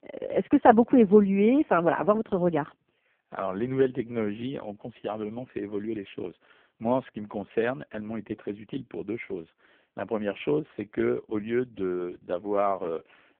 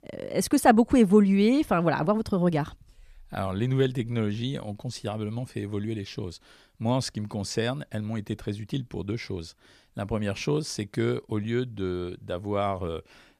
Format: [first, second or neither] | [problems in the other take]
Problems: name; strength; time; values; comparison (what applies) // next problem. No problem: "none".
second | phone-call audio; poor line